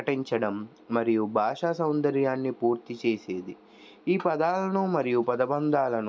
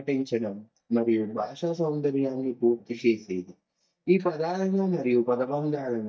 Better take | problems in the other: first | noise reduction (neural mask model DeepFilterNet 3)

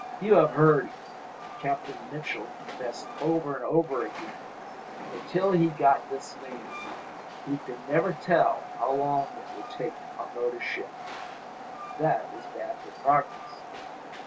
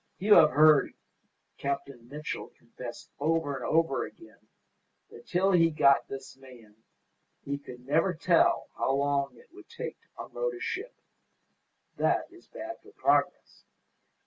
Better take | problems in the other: second | background sound (Train); 11 dB below the speech

